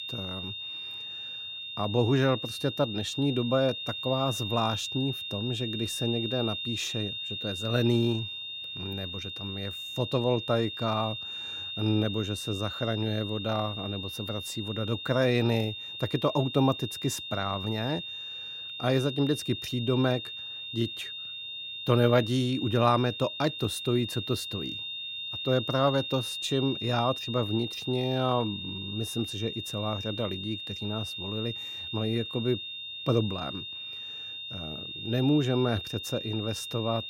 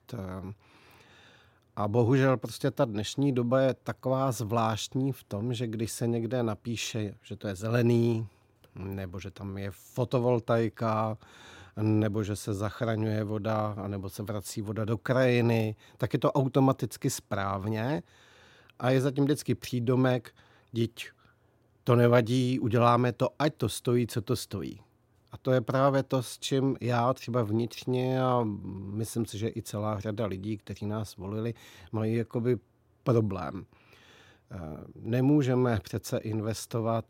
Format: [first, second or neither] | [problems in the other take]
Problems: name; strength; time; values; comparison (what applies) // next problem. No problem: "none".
second | high-pitched whine; loud; throughout; 3.5 kHz, 5 dB below the speech